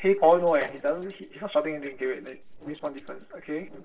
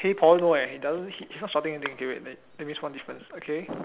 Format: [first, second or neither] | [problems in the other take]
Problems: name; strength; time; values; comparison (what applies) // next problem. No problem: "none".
second | noise reduction (neural separator model SepFormer DNS4)